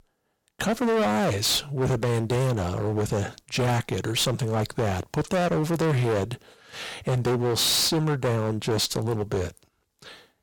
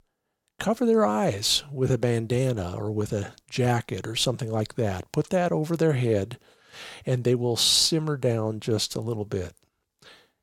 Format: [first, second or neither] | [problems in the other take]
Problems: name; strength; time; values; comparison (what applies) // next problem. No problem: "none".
second | distortion; heavy; 21% of the sound clipped